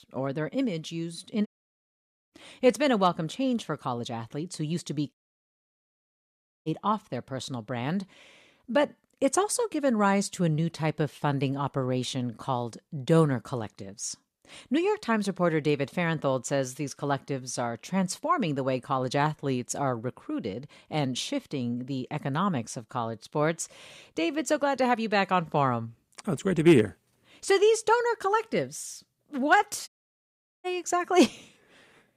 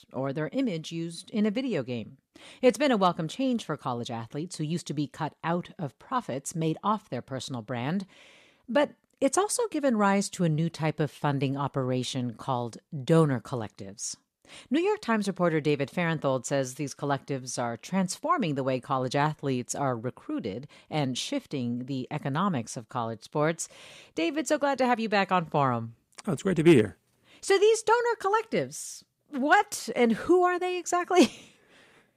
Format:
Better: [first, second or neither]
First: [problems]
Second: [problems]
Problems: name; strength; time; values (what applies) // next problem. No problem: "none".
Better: second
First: audio cutting out; at 1.5 s for 1 s, at 5 s for 1.5 s and at 30 s for 1 s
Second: none